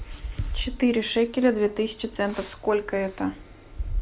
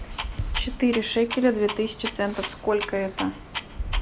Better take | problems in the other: first | background sound (Clock); 11 dB below the speech

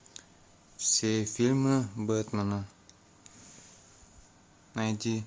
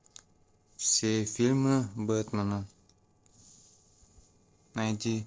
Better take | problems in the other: first | noise reduction (neural separator model SepFormer DNS4)

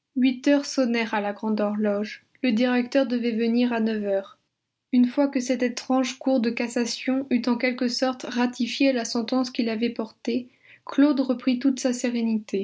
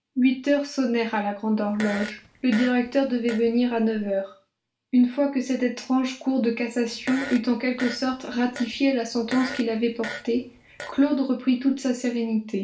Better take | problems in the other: first | background sound (Fart); 14 dB below the speech // room echo; dies away in 0.3 s

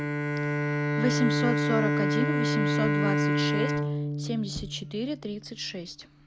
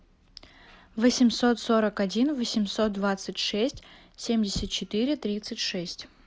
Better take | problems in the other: second | background sound (Bowed string instrument); 5 dB above the speech

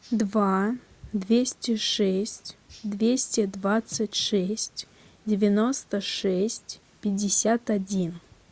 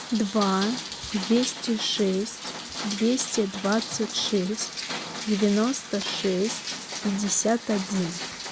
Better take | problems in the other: first | background sound (Rain); 9 dB below the speech

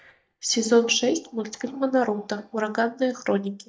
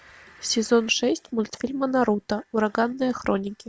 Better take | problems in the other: second | noise reduction (neural mask model DeepFilterNet 3)

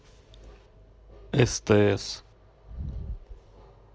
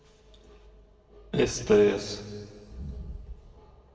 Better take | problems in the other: first | room echo; dies away in 1.7 s

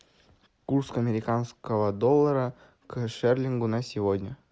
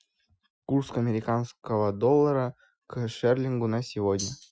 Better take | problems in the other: first | noise reduction (classical method Wiener filter)

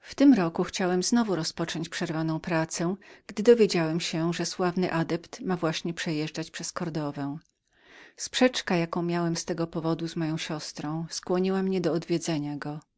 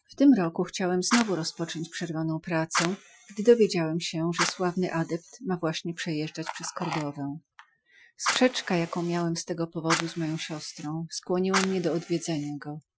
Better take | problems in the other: first | noise reduction (classical method Wiener filter)

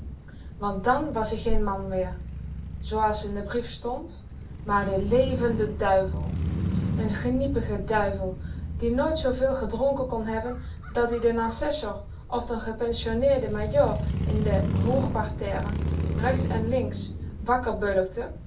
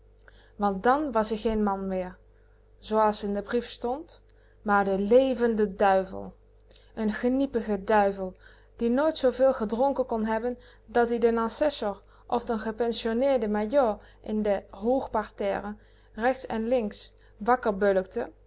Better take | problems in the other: second | background sound (Motorcycle / Crow); 4 dB below the speech // room echo; dies away in 0.3 s

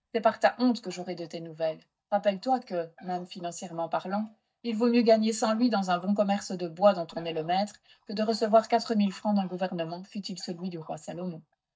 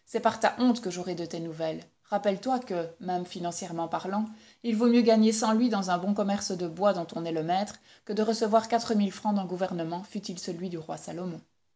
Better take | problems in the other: second | noise reduction (neural mask model DeepFilterNet 3)

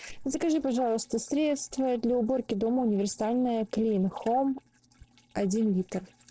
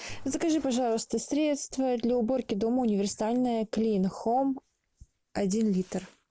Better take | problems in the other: second | noise reduction (neural separator model SepFormer DNS4)

